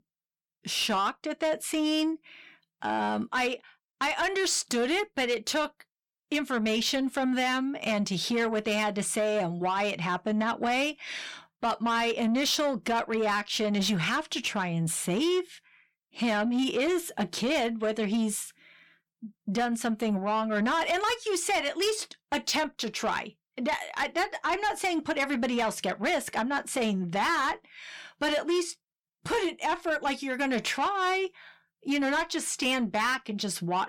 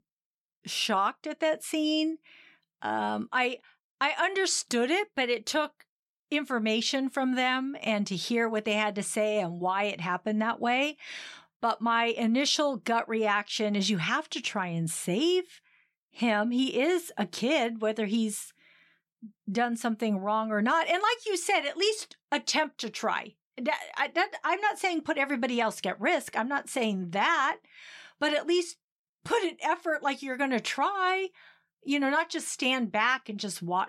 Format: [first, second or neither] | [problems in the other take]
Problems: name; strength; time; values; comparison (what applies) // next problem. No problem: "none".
second | distortion; slight; 10 dB below the speech